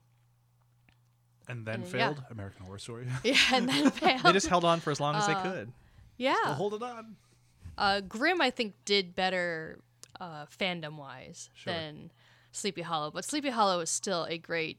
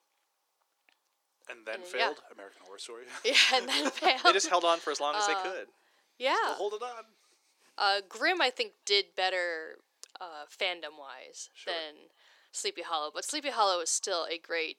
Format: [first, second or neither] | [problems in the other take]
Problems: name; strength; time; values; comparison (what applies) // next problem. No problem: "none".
first | thin; somewhat; fading below 350 Hz